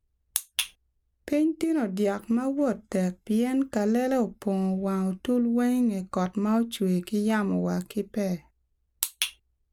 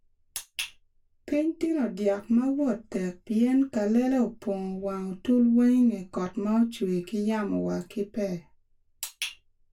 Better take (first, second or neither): first